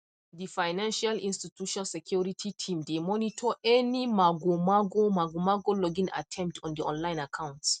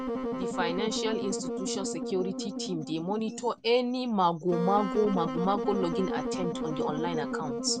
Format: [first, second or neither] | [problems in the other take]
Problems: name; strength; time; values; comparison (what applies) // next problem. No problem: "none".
first | background sound (Wind instrument, woodwind instrument); 3 dB below the speech